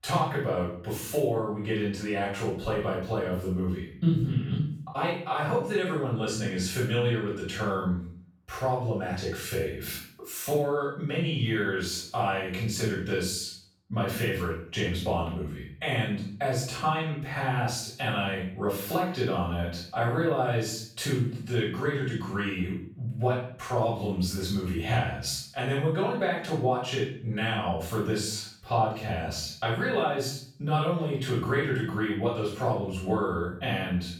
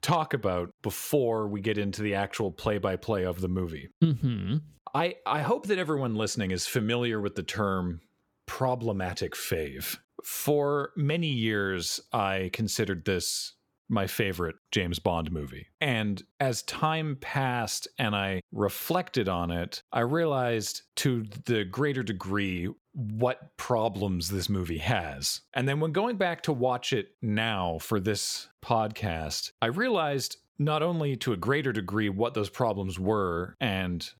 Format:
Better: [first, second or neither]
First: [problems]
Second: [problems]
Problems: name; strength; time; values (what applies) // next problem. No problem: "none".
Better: second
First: room echo; noticeable; dies away in 0.5 s // off-mic speech; far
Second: none